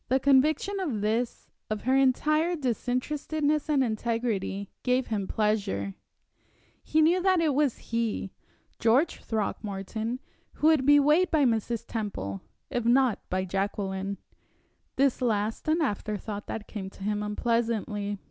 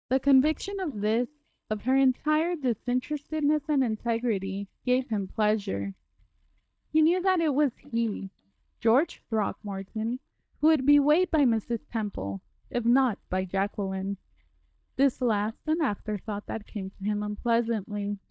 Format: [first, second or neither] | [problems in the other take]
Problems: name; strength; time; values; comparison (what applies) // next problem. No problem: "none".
first | noise reduction (neural mask model DeepFilterNet 3)